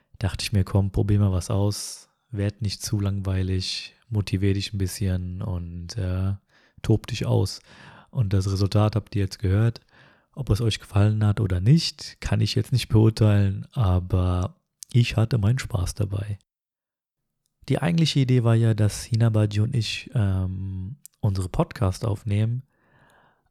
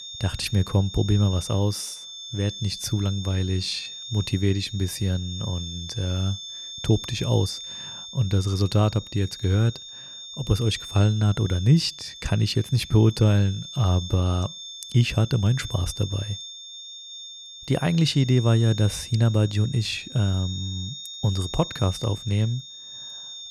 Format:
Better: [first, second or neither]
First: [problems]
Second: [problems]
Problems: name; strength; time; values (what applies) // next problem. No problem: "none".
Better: first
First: none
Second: high-pitched whine; noticeable; throughout; 3.5 kHz, 10 dB below the speech